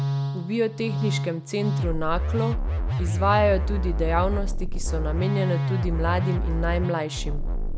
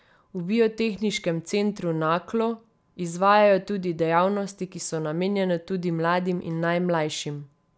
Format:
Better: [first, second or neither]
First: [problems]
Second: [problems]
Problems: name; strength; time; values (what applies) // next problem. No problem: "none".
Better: second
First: background sound (Musical instrument); 2 dB above the speech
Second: none